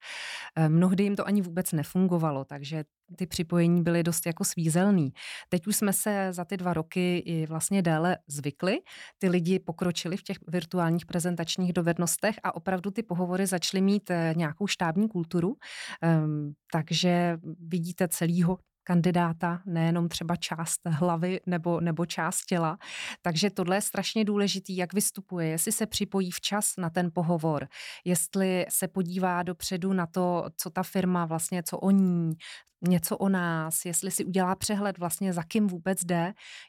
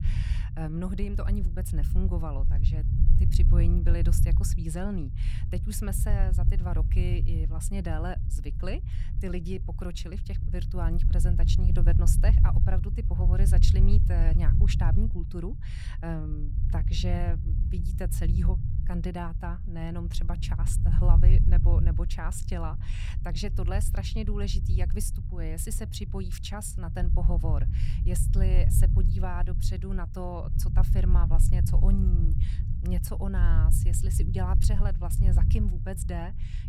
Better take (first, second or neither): first